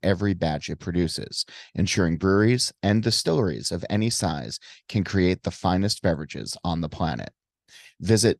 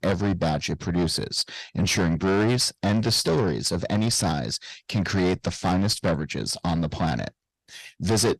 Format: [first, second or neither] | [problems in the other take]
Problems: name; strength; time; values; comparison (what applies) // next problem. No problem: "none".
first | distortion; heavy; 7 dB below the speech